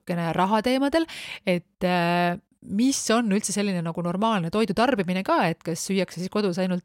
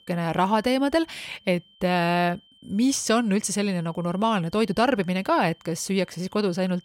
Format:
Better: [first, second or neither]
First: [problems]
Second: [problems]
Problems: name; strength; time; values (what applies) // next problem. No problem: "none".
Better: first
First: none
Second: high-pitched whine; faint; throughout; 3 kHz, 30 dB below the speech